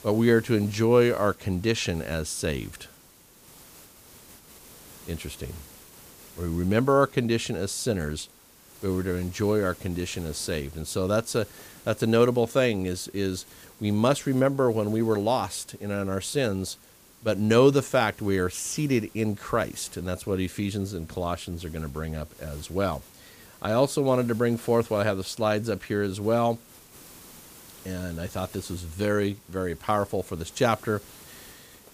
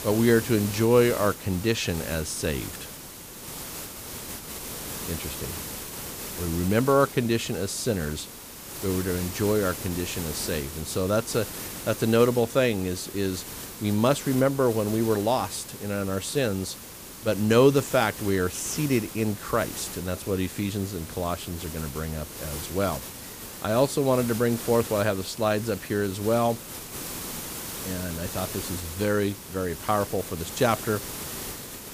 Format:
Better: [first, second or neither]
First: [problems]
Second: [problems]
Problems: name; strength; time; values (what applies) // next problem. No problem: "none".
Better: first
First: hiss; faint; throughout; 20 dB below the speech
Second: hiss; loud; throughout; 10 dB below the speech